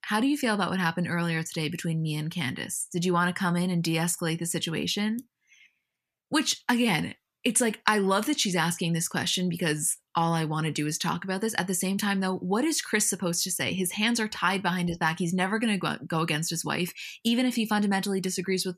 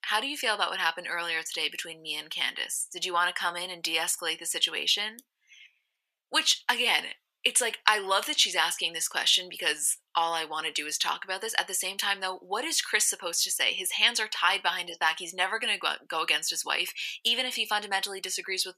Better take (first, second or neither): first